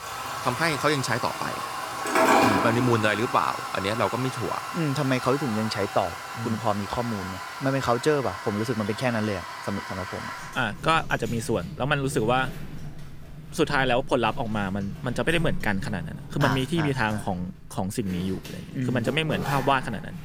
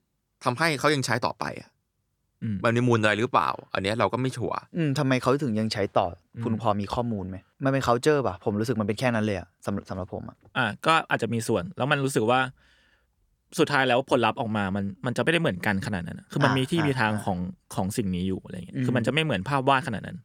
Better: second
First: household noises; loud; throughout; 5 dB below the speech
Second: none

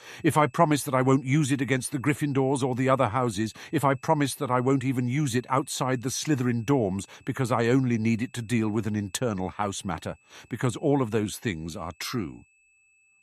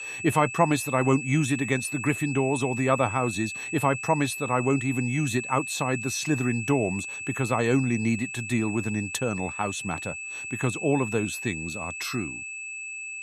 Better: first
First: high-pitched whine; faint; throughout; 2.5 kHz, 35 dB below the speech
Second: high-pitched whine; loud; throughout; 2.5 kHz, 7 dB below the speech

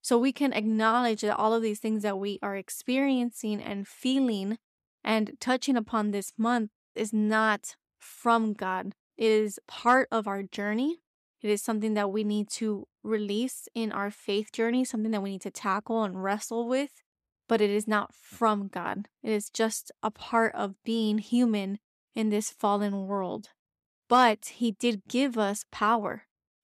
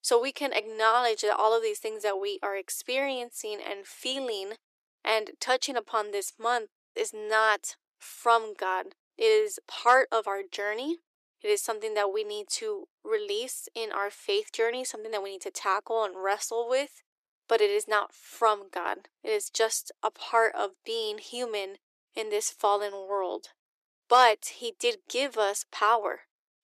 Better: first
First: none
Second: thin; very; fading below 350 Hz

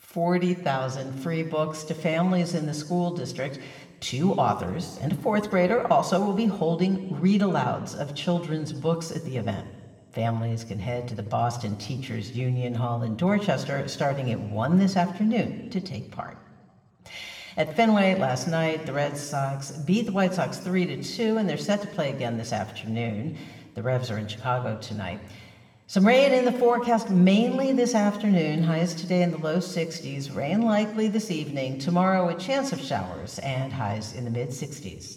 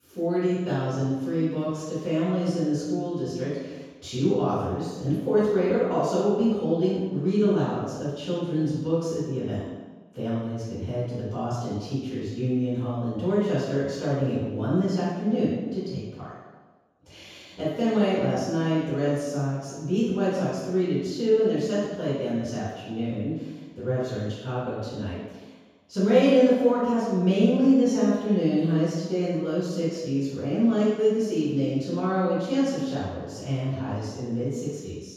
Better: first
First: room echo; slight; dies away in 1.7 s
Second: room echo; strong; dies away in 1.2 s // off-mic speech; far

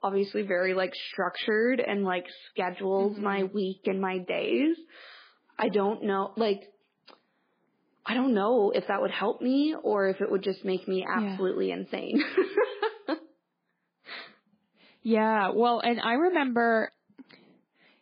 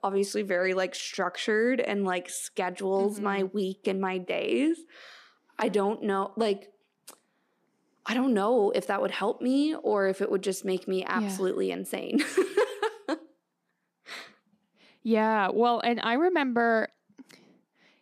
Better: second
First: garbled, watery; badly; nothing above 4.5 kHz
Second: none

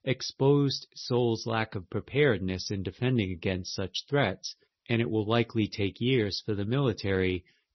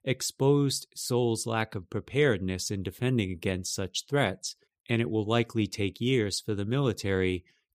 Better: second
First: garbled, watery; slightly; nothing above 6 kHz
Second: none

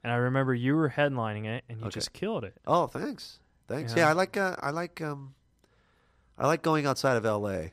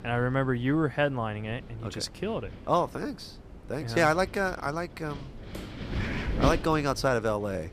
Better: first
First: none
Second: wind noise on the microphone; occasional gusts; 10 dB below the speech

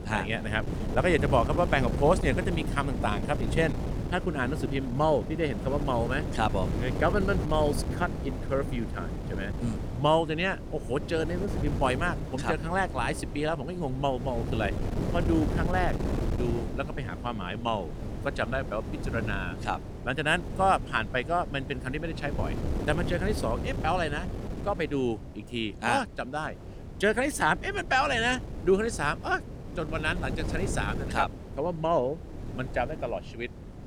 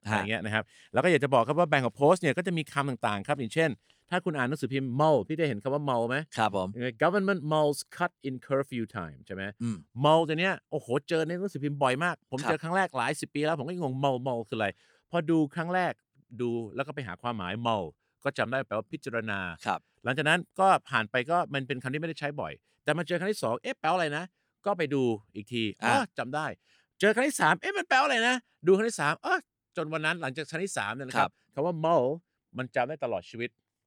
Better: second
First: wind noise on the microphone; occasional gusts; 10 dB below the speech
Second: none

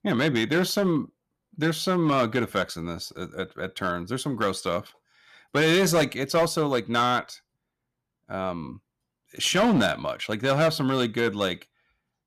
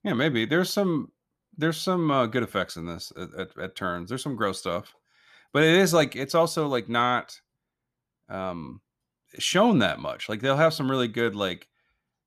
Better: second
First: distortion; slight; 5% of the sound clipped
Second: none

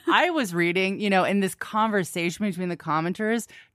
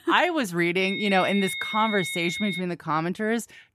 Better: first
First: none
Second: high-pitched whine; loud; from 1 to 2.5 s; 2 kHz, 5 dB below the speech

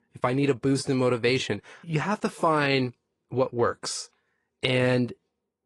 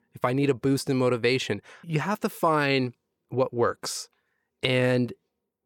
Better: second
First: garbled, watery; slightly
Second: none

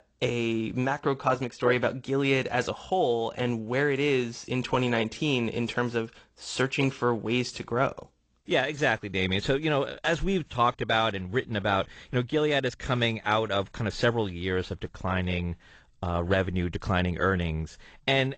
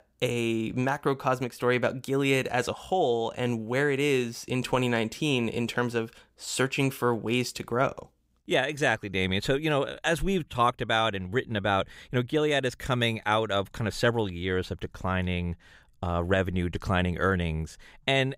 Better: second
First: garbled, watery; slightly; nothing above 8 kHz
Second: none

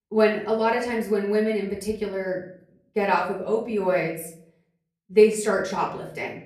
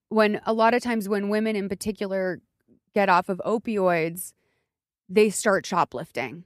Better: second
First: off-mic speech; far // room echo; slight; dies away in 0.5 s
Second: none

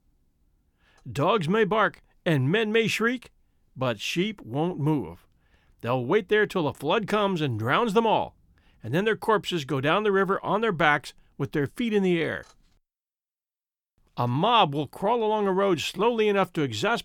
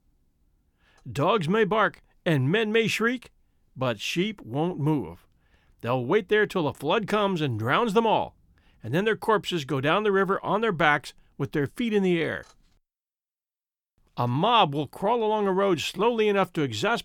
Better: neither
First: none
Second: none

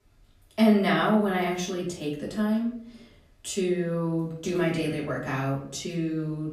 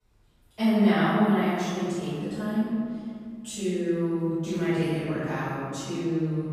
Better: first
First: room echo; slight; dies away in 0.5 s // off-mic speech; far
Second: room echo; strong; dies away in 2.2 s // off-mic speech; far

